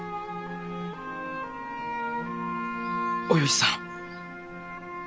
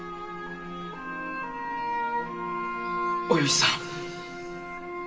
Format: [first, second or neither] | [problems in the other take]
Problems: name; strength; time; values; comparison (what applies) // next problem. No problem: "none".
first | room echo; dies away in 2.6 s